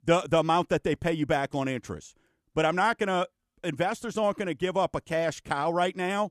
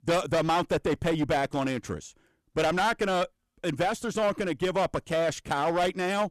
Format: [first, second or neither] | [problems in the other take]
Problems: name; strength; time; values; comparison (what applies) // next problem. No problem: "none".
first | distortion; heavy; 13% of the sound clipped